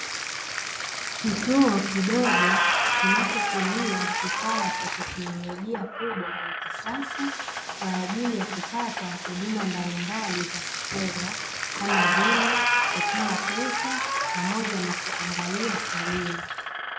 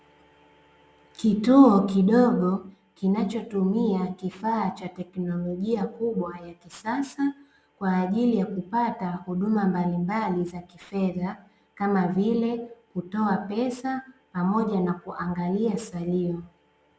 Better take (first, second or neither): second